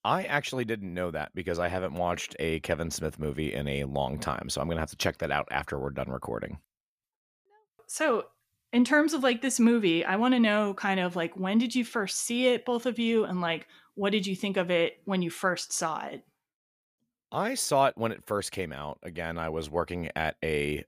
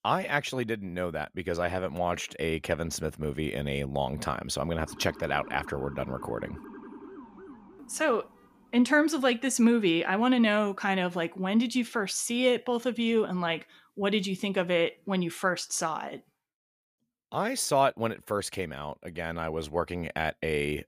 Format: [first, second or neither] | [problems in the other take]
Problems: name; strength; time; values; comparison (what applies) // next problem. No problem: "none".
first | siren; faint; from 5 to 9 s; peak 15 dB below the speech